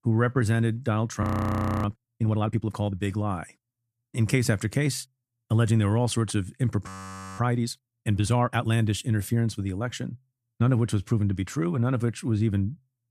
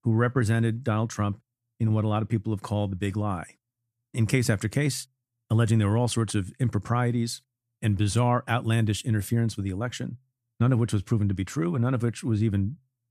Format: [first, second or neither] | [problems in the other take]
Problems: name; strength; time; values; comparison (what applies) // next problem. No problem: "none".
second | audio freezing; at 1 s for 0.5 s and at 7 s for 0.5 s